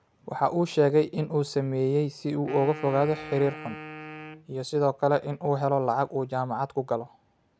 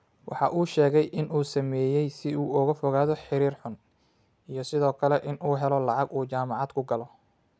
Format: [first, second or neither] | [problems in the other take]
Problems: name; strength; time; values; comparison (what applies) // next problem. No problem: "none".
second | background sound (Wind instrument, woodwind instrument); 15 dB below the speech